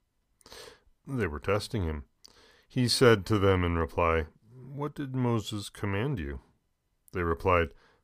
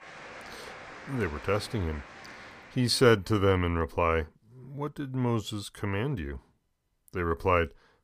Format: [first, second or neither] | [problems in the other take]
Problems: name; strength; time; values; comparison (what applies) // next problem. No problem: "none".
first | crowd noise; noticeable; until 2.5 s; 15 dB below the speech